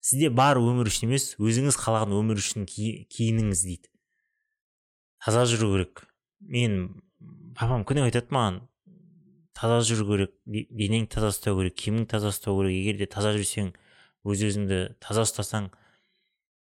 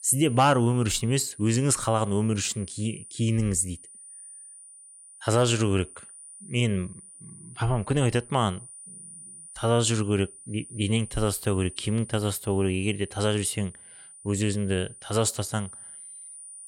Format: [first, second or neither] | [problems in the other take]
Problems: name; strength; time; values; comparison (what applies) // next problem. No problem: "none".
first | high-pitched whine; noticeable; throughout; 9.5 kHz, 15 dB below the speech